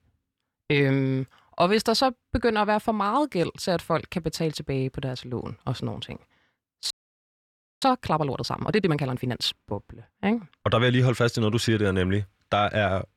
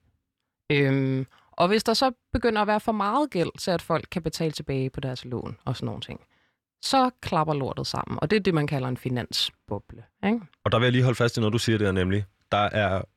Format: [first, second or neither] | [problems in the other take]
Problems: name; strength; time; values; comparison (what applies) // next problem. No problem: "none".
second | audio freezing; at 7 s for 1 s